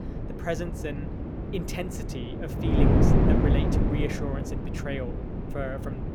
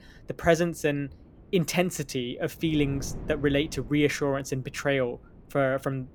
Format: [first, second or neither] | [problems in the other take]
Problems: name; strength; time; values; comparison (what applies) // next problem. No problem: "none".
second | wind noise on the microphone; heavy; 3 dB above the speech; occasional gusts in the second